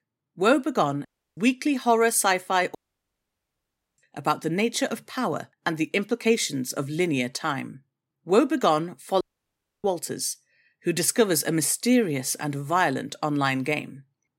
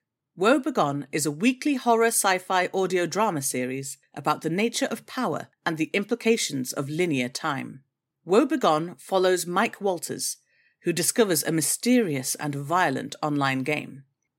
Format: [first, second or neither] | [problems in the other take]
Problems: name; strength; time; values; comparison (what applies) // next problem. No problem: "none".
second | audio cutting out; at 1 s, at 3 s for 1 s and at 9 s for 0.5 s